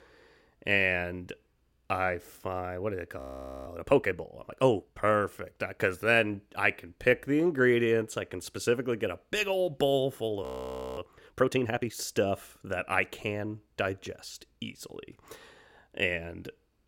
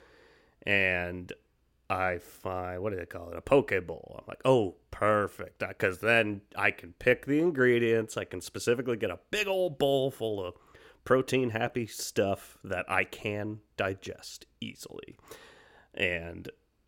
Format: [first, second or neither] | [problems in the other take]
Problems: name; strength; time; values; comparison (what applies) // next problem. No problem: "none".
second | audio freezing; at 3 s and at 10 s for 0.5 s